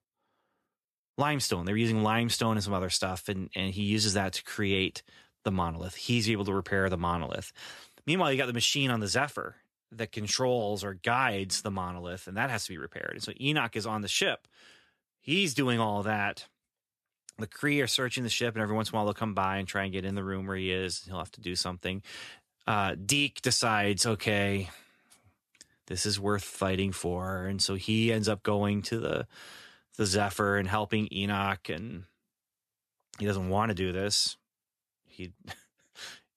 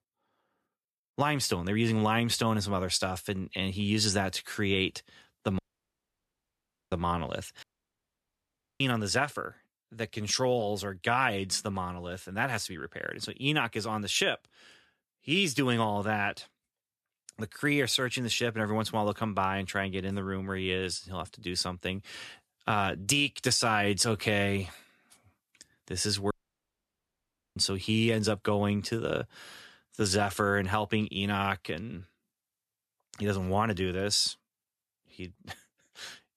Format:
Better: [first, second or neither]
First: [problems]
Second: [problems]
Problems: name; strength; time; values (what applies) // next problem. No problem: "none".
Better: first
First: none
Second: audio cutting out; at 5.5 s for 1.5 s, at 7.5 s for 1 s and at 26 s for 1.5 s